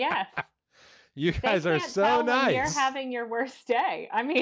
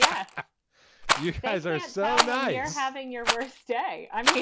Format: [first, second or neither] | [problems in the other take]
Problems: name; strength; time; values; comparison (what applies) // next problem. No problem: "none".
first | background sound (Rattle); as loud as the speech